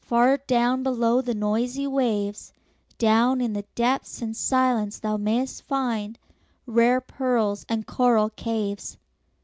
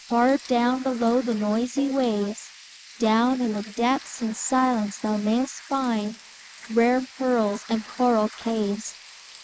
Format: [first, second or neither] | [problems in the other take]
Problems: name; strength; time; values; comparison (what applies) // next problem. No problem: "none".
first | noise reduction (neural mask model Resemble Enhance denoiser)